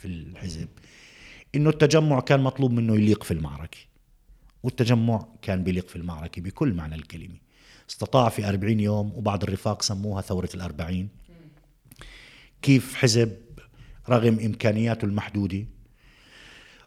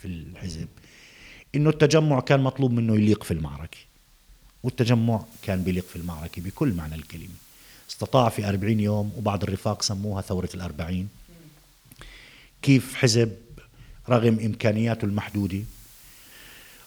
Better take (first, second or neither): first